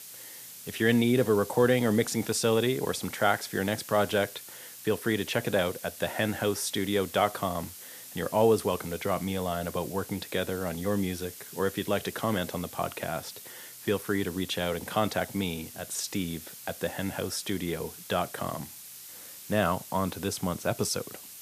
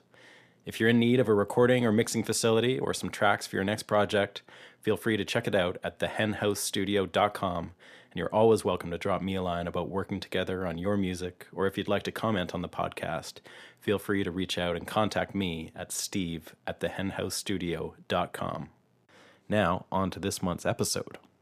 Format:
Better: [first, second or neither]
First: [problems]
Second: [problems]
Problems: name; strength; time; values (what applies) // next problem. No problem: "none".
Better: second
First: hiss; noticeable; throughout; 15 dB below the speech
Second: none